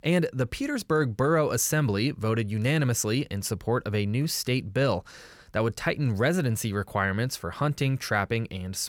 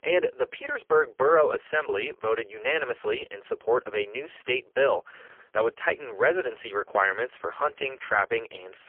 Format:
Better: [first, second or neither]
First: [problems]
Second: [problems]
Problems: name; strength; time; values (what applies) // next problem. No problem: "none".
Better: first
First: none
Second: phone-call audio; poor line; nothing above 3 kHz